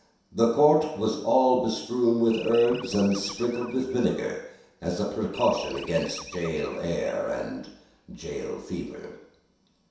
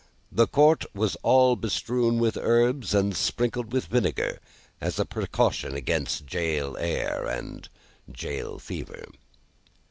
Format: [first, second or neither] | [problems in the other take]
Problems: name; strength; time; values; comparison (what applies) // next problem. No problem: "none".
second | background sound (Animal); 17 dB below the speech // room echo; dies away in 0.7 s